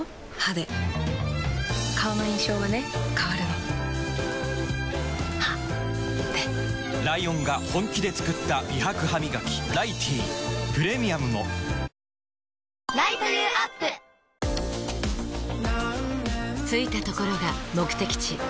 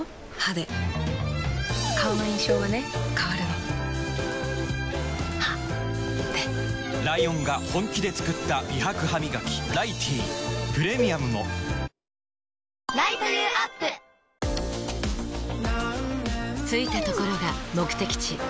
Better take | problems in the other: first | background sound (Cowbell + Dog); 8 dB below the speech

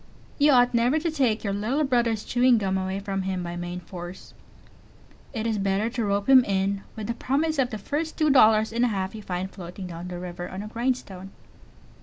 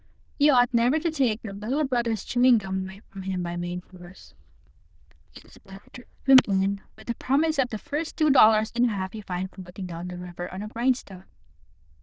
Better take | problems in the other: first | noise reduction (neural diffusion model UNIVERSE++)

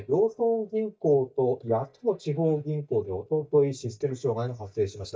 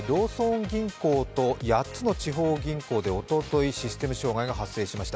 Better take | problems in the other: second | noise reduction (neural mask model DeepFilterNet 3)

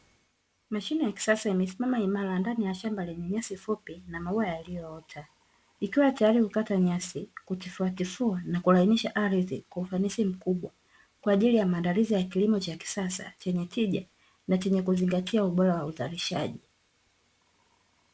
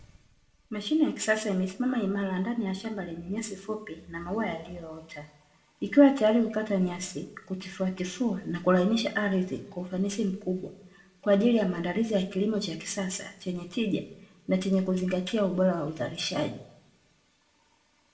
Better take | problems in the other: first | room echo; dies away in 0.5 s

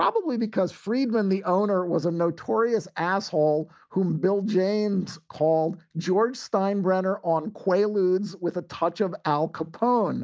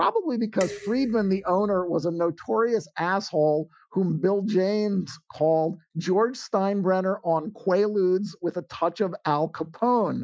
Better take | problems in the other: first | noise reduction (classical method Wiener filter)

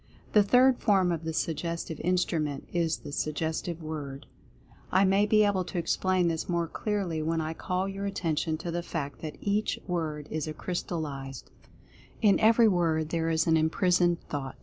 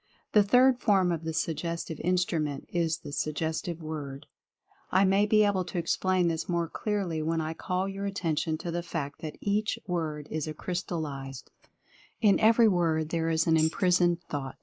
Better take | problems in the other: first | noise reduction (neural mask model Resemble Enhance denoiser)

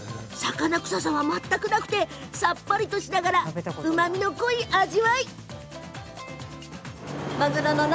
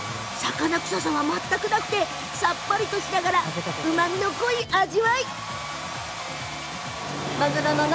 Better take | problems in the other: first | background sound (Domestic sounds, home sounds); 8 dB below the speech

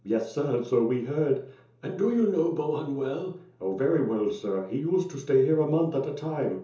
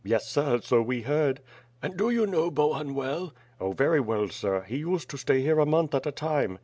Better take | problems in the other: second | room echo; dies away in 0.6 s

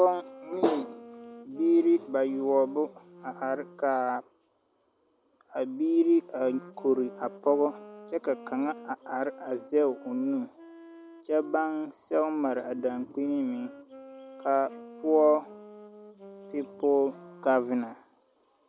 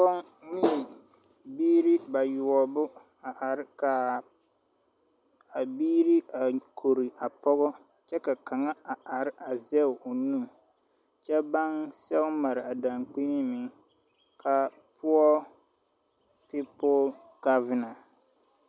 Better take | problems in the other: second | background sound (Wind instrument, woodwind instrument); 19 dB below the speech

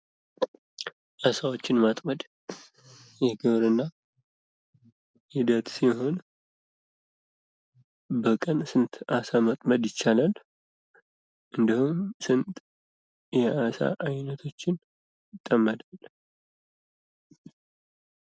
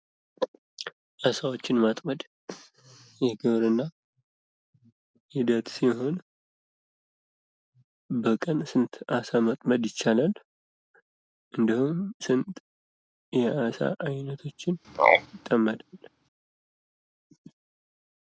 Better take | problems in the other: first | background sound (Frog); 2 dB above the speech

